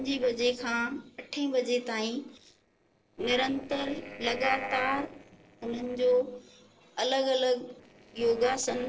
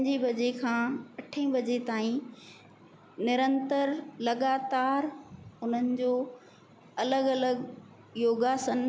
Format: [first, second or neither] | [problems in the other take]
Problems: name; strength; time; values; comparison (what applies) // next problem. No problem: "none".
second | noise reduction (neural separator model SepFormer DNS4)